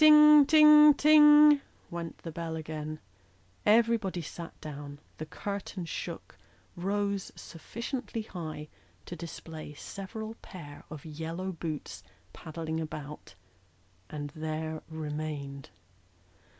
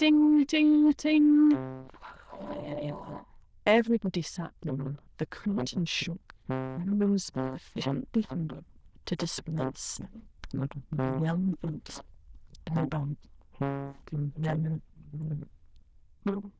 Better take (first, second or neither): first